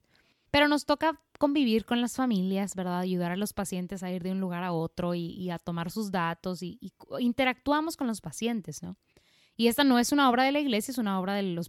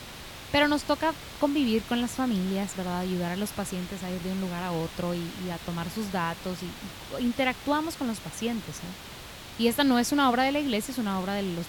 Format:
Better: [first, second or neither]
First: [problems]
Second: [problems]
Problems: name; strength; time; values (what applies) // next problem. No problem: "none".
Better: first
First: none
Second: hiss; noticeable; throughout; 15 dB below the speech